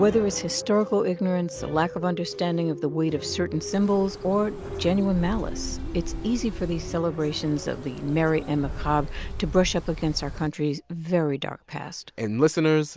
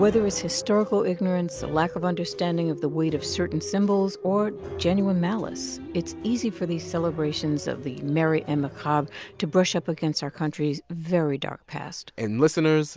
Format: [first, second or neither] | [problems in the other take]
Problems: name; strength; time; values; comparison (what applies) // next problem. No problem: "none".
second | background sound (Bird); 10 dB below the speech